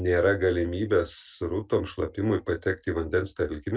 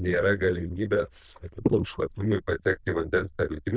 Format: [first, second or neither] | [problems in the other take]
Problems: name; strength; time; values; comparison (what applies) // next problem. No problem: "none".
first | noise reduction (neural diffusion model UNIVERSE++)